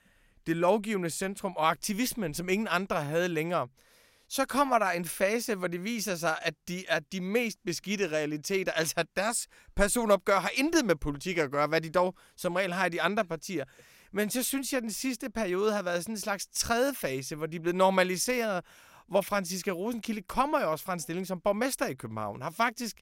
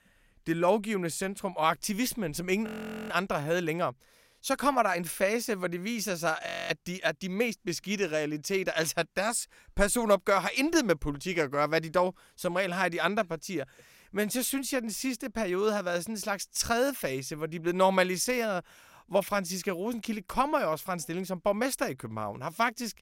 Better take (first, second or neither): first